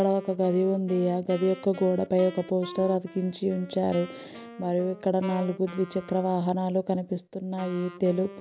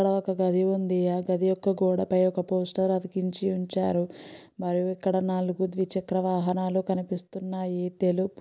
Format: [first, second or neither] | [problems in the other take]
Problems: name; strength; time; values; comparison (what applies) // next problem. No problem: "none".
second | background sound (Wind instrument, woodwind instrument); 18 dB below the speech